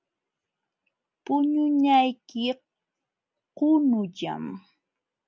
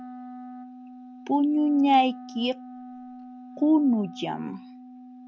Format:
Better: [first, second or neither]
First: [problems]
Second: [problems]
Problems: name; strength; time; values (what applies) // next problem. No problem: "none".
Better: first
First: none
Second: background sound (Wind instrument, woodwind instrument); 16 dB below the speech